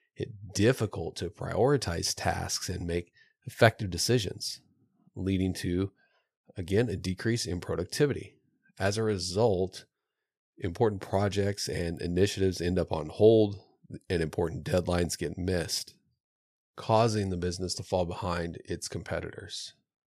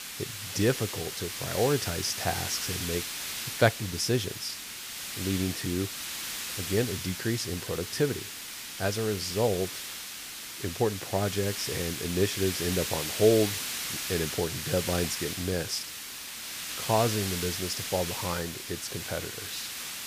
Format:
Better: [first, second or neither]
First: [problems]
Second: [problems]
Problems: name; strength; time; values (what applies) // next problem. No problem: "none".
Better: first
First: none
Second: hiss; loud; throughout; 4 dB below the speech